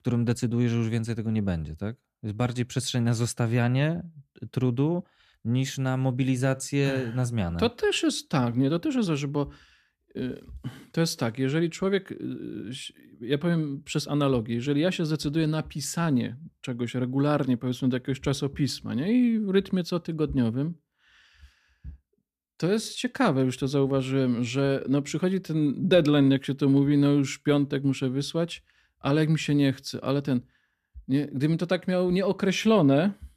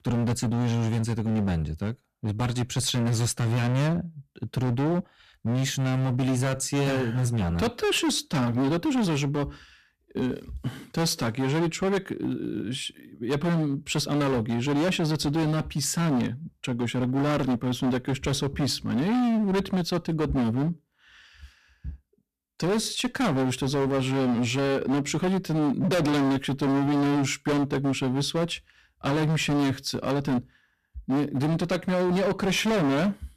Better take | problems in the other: first | distortion; heavy; 24% of the sound clipped

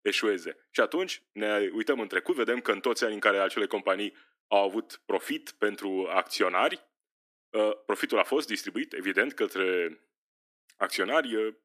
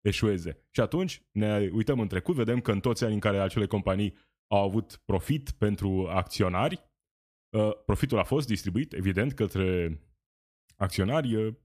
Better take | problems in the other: second | thin; somewhat; fading below 300 Hz

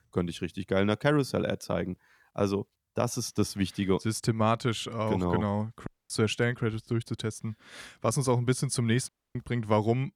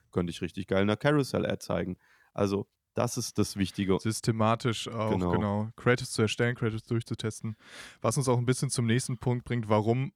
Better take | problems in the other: second | audio cutting out; at 6 s and at 9 s

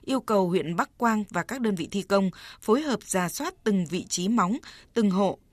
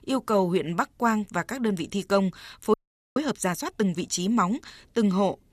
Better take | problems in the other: first | audio freezing; at 2.5 s

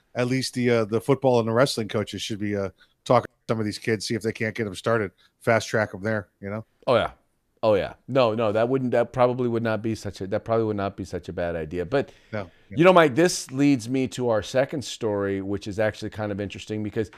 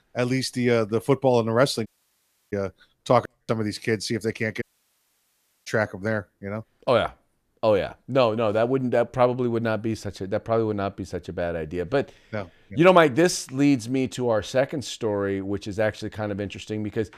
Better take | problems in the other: first | audio cutting out; at 2 s for 0.5 s and at 4.5 s for 1 s

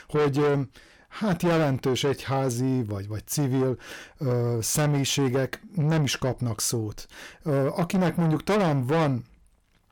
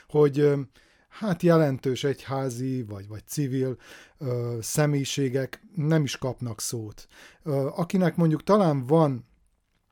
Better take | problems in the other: second | distortion; heavy; 6 dB below the speech

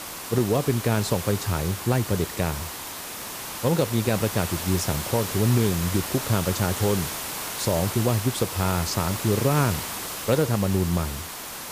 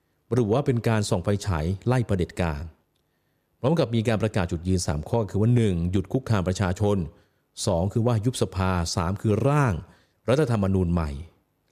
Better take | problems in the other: second | hiss; loud; throughout; 6 dB below the speech

